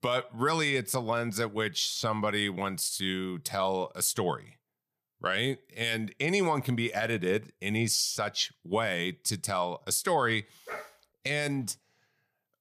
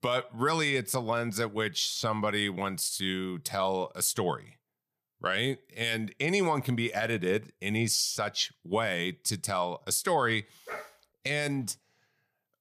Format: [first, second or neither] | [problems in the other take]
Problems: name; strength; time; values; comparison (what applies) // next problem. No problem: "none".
neither | dog barking; faint; at 11 s; peak 10 dB below the speech; the same in both